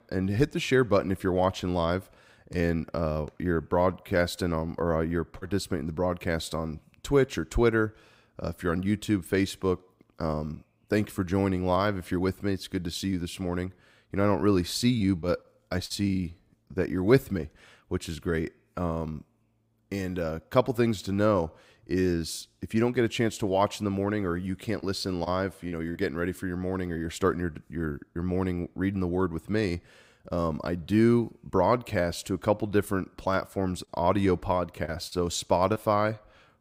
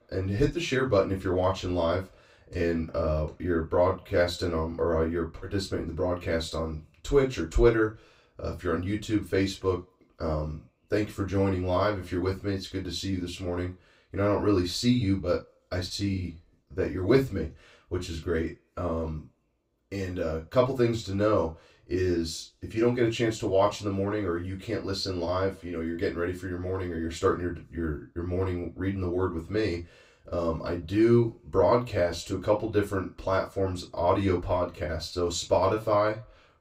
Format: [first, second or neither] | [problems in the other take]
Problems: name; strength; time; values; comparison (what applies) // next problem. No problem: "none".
first | room echo; slight; dies away in 0.2 s // off-mic speech; far